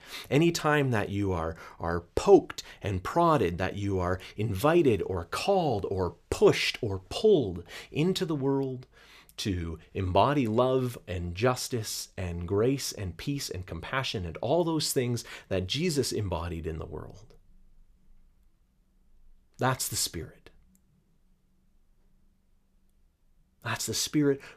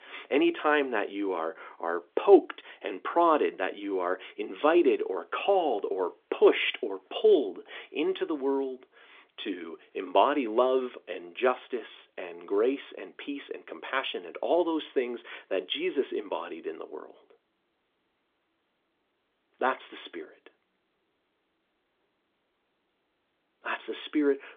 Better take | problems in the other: first | phone-call audio; nothing above 3.5 kHz

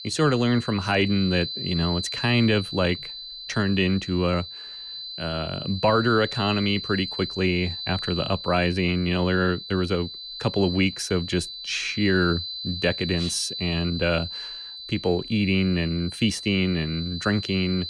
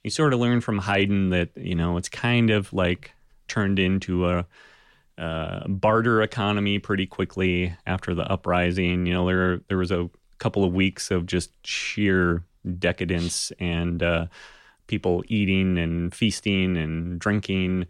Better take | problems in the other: second | high-pitched whine; loud; throughout; 4 kHz, 8 dB below the speech

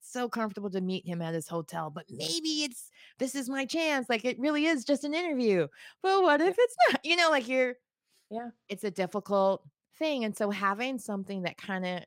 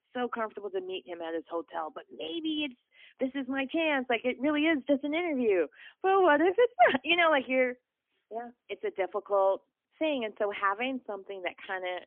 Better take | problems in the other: first | phone-call audio; poor line; nothing above 3.5 kHz

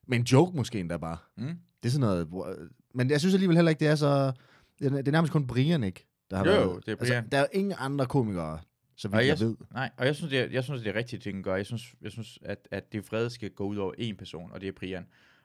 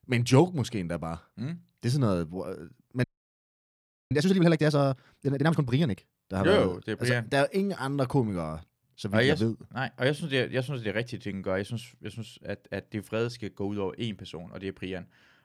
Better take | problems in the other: first | audio freezing; at 3 s for 1 s

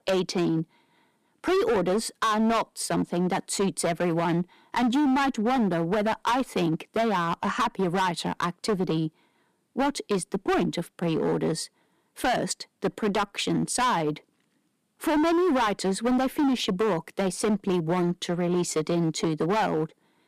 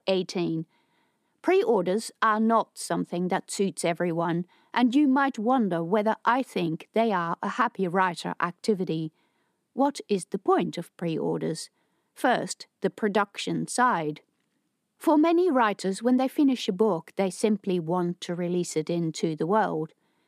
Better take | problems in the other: second | distortion; heavy; 17% of the sound clipped

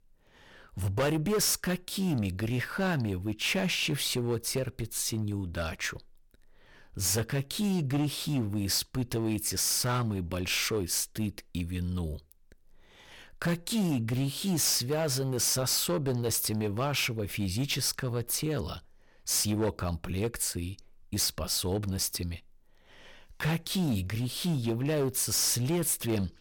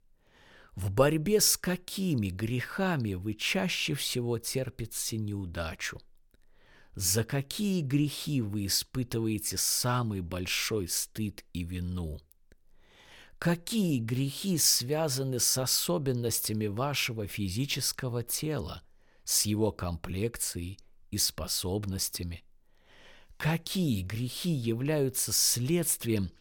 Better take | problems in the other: second | distortion; slight; 9% of the sound clipped

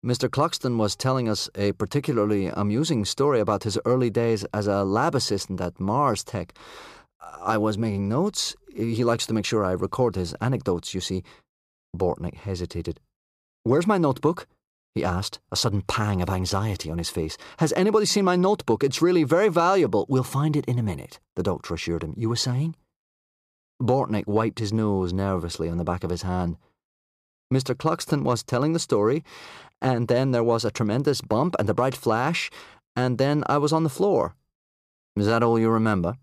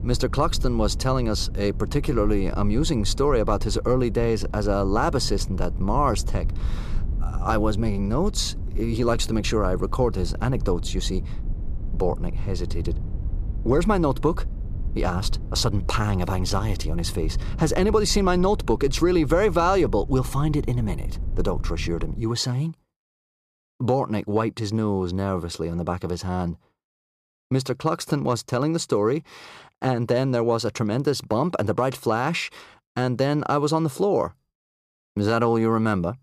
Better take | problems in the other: first | low rumble; faint; until 22 s; 20 dB below the speech

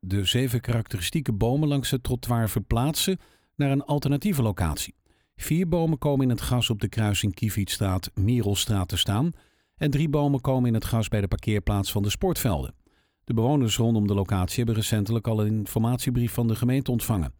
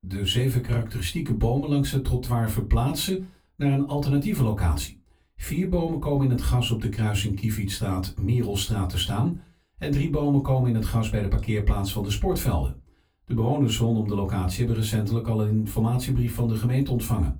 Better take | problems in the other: first | off-mic speech; far // room echo; very slight; dies away in 0.2 s

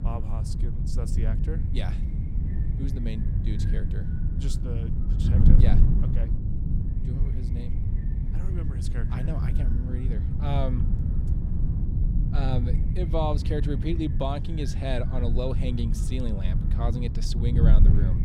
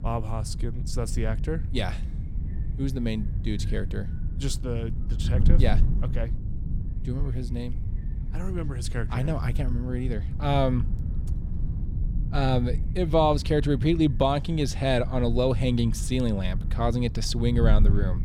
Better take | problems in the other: second | wind noise on the microphone; heavy; 4 dB below the speech; occasional gusts in the second

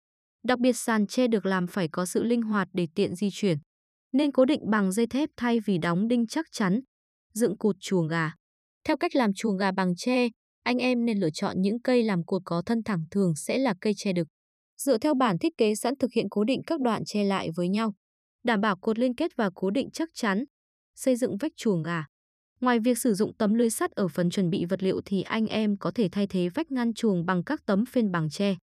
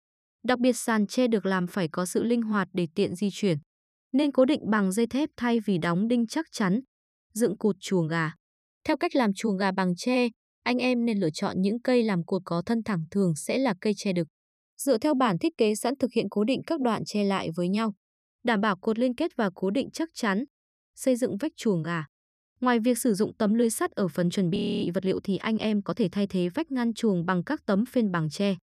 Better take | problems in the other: first | audio freezing; at 25 s

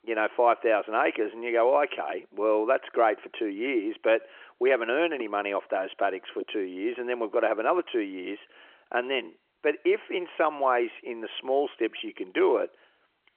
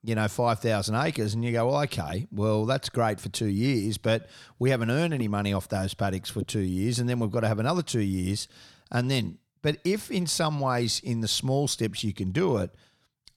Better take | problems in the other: second | phone-call audio

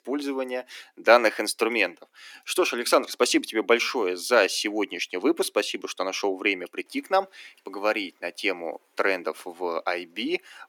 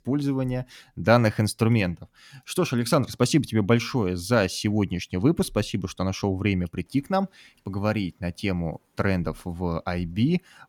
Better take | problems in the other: second | thin; very; fading below 300 Hz

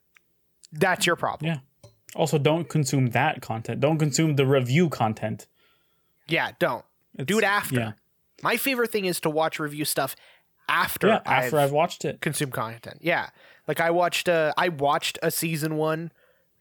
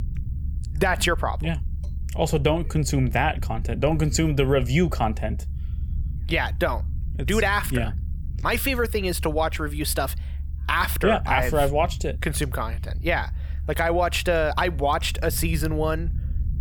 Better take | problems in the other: first | low rumble; faint; throughout; 25 dB below the speech

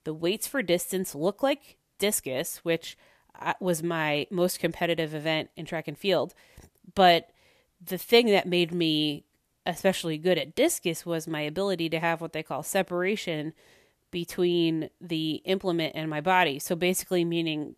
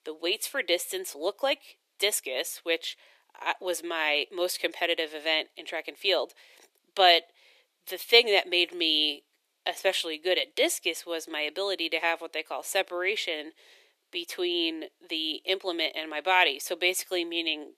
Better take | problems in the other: first | thin; very; fading below 350 Hz

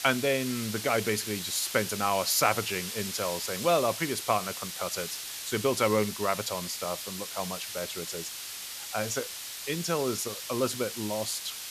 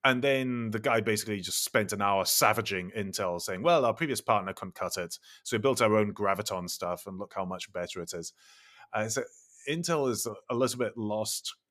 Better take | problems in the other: second | hiss; loud; throughout; 5 dB below the speech

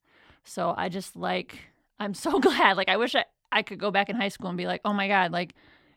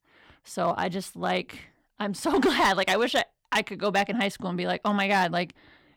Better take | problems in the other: first | distortion; slight; 3% of the sound clipped

